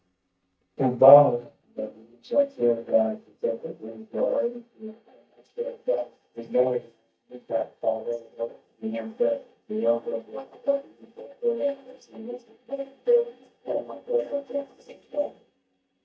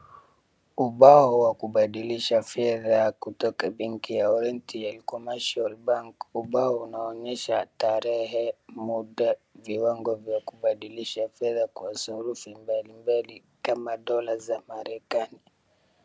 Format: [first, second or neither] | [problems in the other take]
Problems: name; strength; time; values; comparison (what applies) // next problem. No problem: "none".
second | noise reduction (neural mask model DeepFilterNet 3)